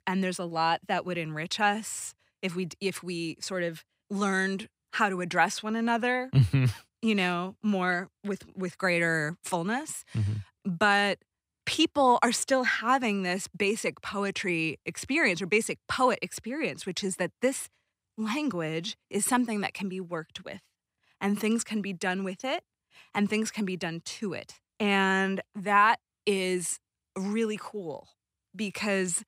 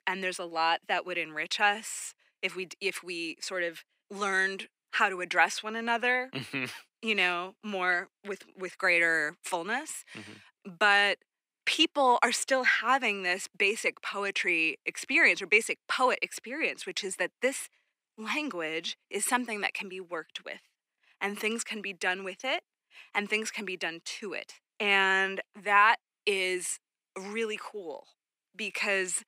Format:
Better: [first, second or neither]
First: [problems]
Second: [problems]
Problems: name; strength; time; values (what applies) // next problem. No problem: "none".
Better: first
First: none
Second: thin; somewhat; fading below 300 Hz